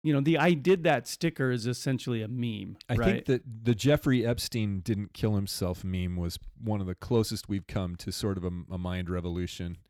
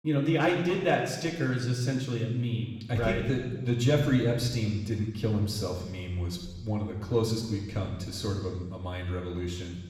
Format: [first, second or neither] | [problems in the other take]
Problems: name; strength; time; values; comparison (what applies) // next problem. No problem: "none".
first | room echo; noticeable; dies away in 1.1 s // off-mic speech; somewhat distant